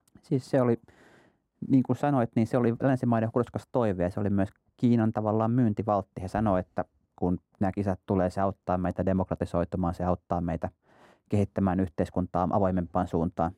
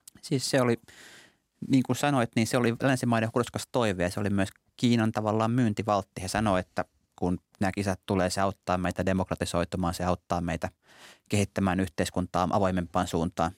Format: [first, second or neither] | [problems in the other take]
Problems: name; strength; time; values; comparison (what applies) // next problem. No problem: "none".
second | muffled; very; fading above 1.5 kHz